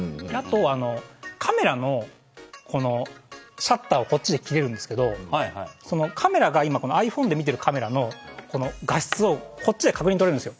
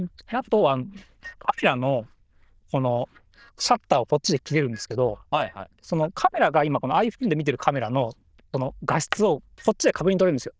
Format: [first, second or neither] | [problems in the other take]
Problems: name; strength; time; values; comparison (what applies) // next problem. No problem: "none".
first | noise reduction (neural diffusion model UNIVERSE++)